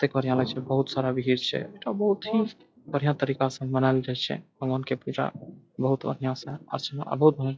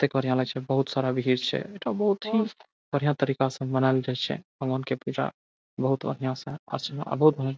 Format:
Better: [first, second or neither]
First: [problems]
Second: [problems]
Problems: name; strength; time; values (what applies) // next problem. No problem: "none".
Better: second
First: noise reduction (classical method log-MMSE)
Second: none